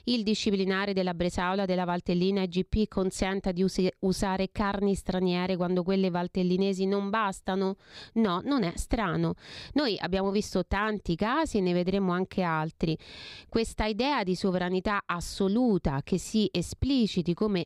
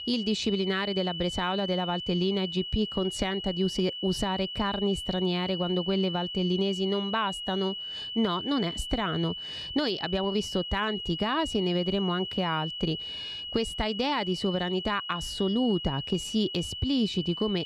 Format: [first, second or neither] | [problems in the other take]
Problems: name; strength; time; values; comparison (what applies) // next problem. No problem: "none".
first | high-pitched whine; loud; throughout; 3 kHz, 5 dB below the speech